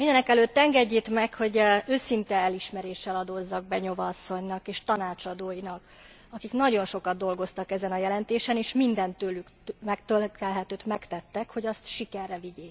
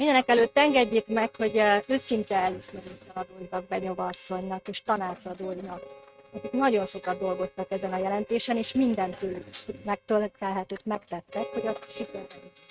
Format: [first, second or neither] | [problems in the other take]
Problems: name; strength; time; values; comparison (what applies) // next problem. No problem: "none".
first | noise reduction (neural mask model RNNoise)